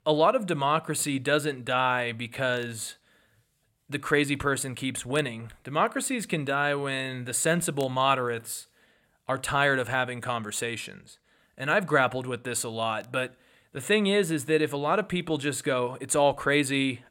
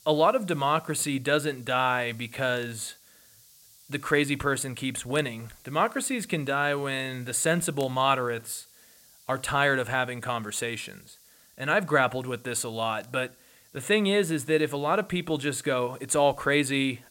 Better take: first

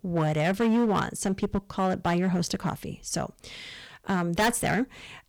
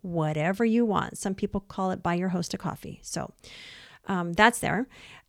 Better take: second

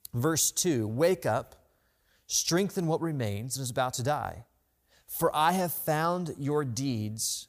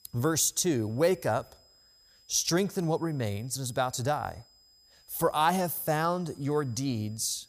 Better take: first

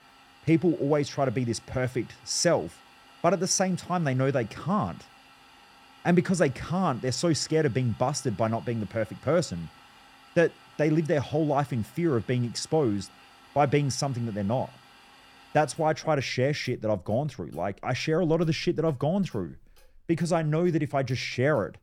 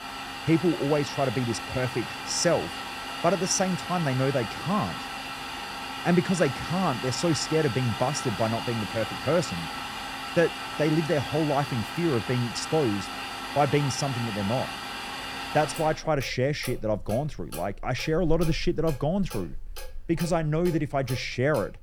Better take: first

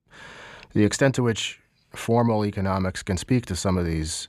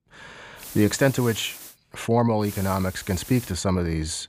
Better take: first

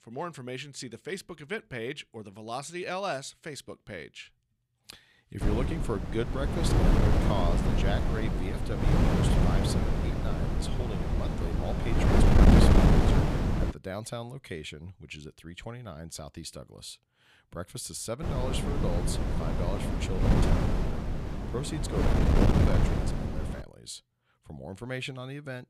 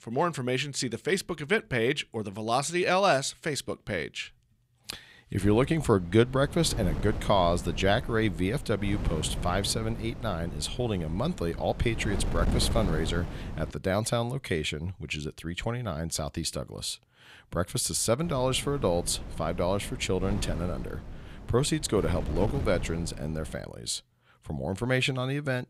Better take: second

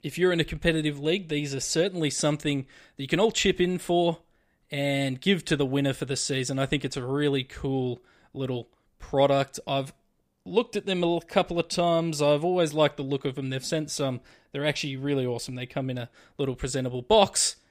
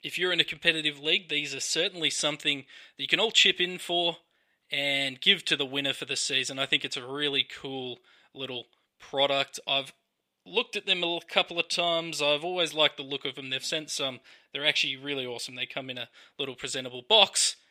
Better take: first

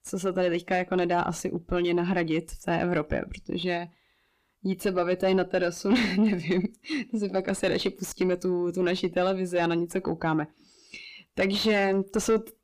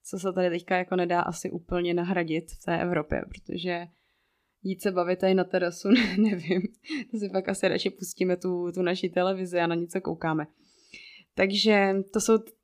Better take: second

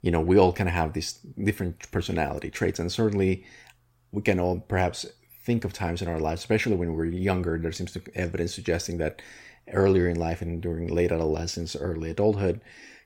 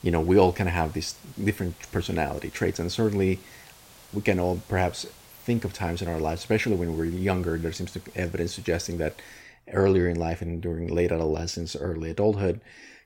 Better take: first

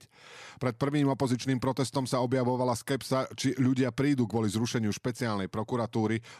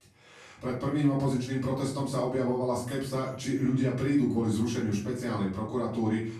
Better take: first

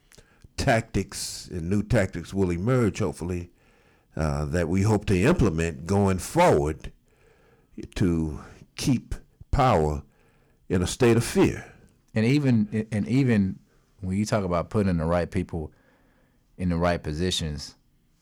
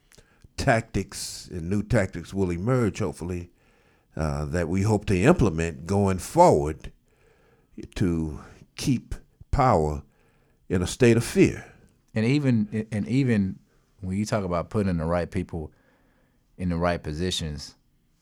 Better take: second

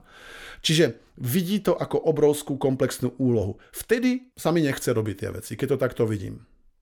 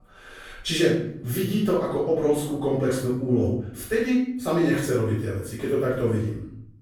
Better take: first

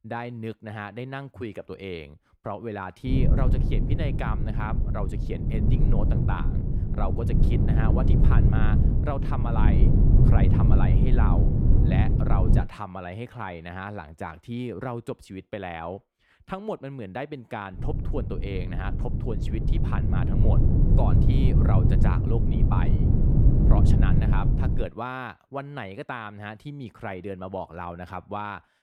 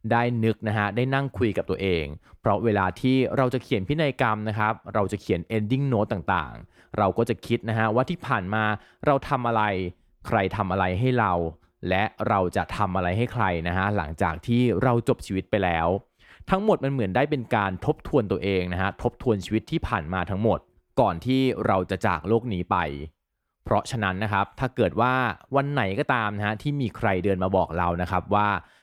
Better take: second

